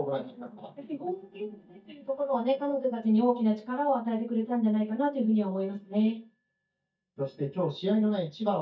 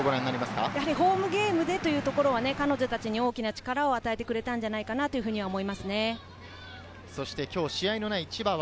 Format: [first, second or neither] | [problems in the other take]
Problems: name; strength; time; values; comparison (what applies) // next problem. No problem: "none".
second | noise reduction (neural mask model DeepFilterNet 3)